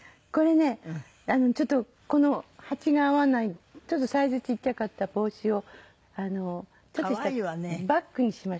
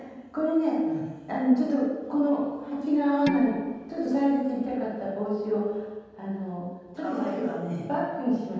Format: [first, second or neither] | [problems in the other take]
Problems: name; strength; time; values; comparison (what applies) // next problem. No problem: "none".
first | background sound (Dishes, pots, and pans); 13 dB below the speech // room echo; dies away in 1.2 s